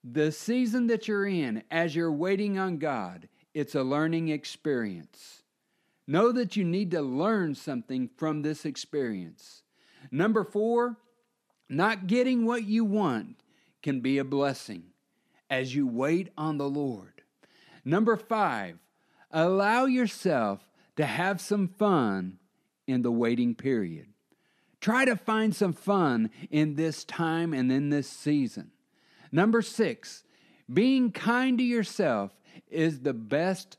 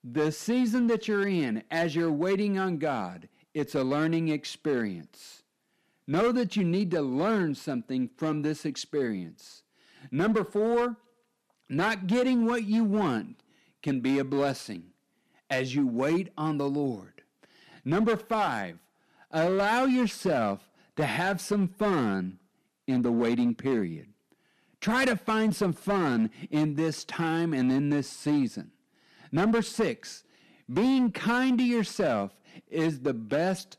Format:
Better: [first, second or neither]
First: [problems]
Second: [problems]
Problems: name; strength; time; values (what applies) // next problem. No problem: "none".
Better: first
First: none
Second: distortion; slight; 7% of the sound clipped